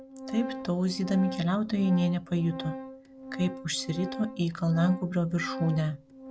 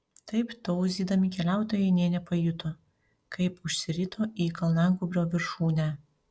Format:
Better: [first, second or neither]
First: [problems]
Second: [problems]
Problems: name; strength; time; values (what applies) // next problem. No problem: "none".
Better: second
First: background sound (Organ); 11 dB below the speech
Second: none